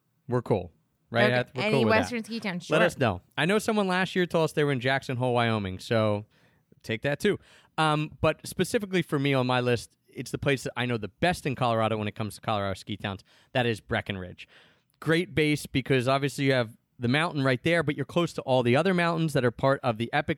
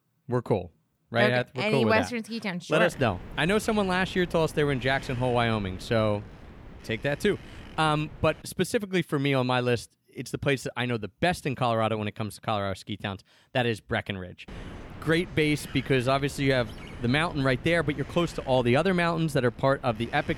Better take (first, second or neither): first